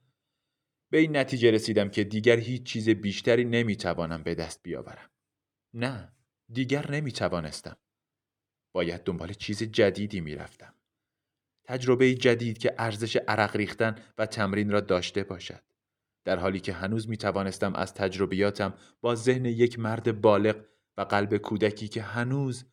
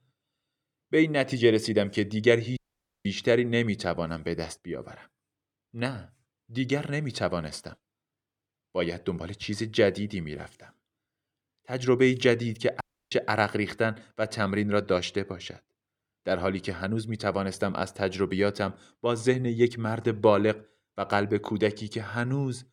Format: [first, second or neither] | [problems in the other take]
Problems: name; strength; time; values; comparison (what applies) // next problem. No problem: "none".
first | audio cutting out; at 2.5 s and at 13 s